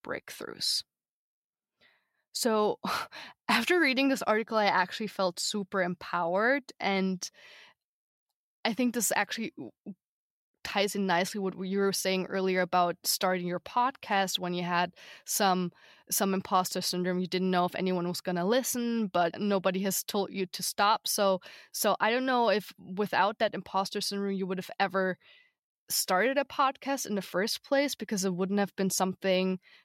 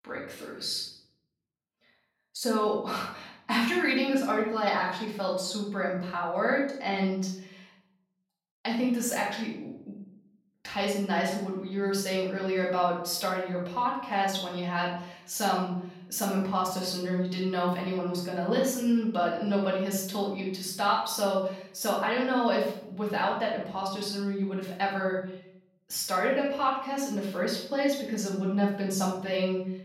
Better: first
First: none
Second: off-mic speech; far // room echo; noticeable; dies away in 0.7 s

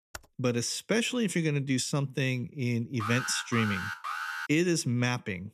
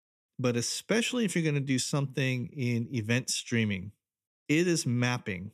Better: second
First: keyboard typing; very faint; at the start; peak 20 dB below the speech // alarm; noticeable; from 3 to 4.5 s; peak 4 dB below the speech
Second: none

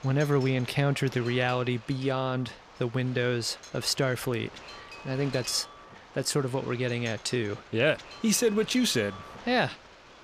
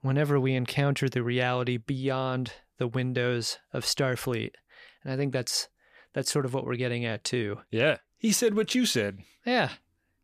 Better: second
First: wind noise on the microphone; occasional gusts; 15 dB below the speech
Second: none

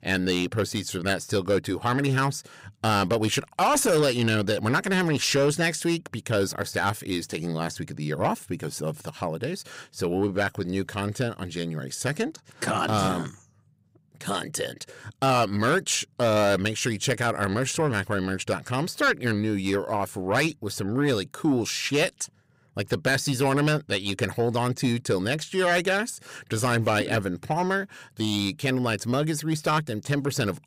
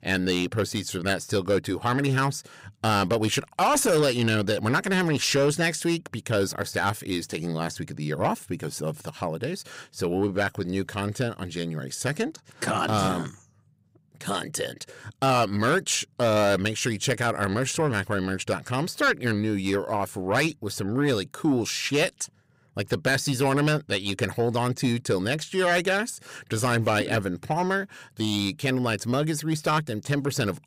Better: neither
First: distortion; slight; 10 dB below the speech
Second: distortion; slight; 10 dB below the speech

